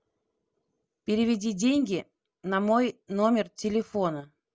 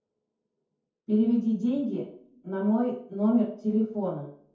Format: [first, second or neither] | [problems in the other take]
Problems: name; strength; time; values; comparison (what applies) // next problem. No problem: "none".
first | room echo; dies away in 0.6 s